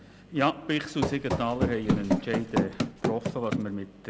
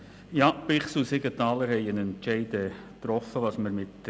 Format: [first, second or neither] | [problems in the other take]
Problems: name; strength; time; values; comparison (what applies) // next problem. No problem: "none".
second | background sound (Run); 2 dB above the speech